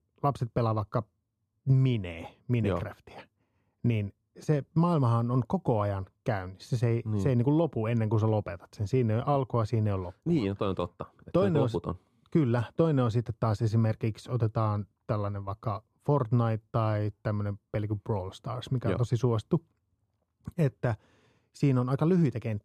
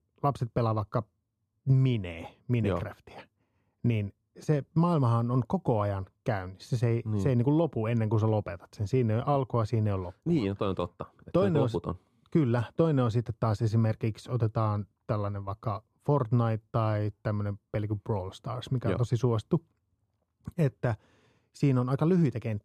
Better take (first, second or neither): neither